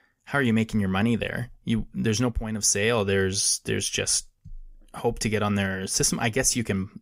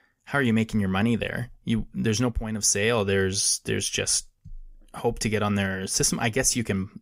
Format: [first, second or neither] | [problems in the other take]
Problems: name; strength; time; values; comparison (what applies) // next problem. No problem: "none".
neither | none